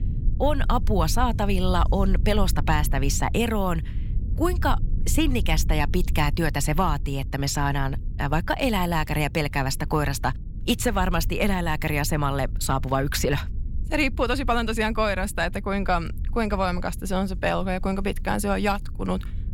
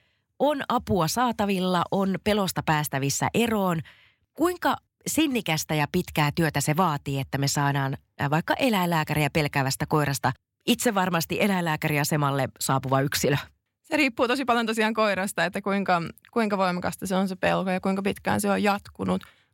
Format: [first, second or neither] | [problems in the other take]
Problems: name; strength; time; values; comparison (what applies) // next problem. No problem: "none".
second | low rumble; faint; throughout; 20 dB below the speech